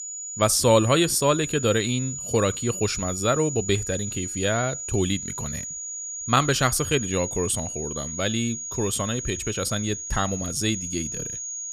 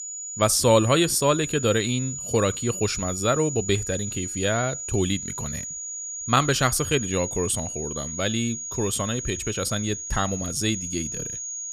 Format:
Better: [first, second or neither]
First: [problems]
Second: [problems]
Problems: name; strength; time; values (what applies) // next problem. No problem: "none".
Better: neither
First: high-pitched whine; loud; throughout; 7 kHz, 6 dB below the speech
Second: high-pitched whine; loud; throughout; 7 kHz, 6 dB below the speech